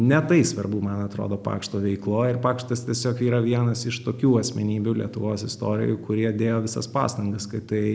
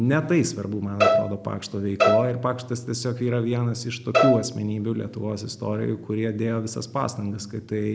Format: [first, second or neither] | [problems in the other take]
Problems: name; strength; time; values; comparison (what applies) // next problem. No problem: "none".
first | background sound (Bowed string instrument); 2 dB above the speech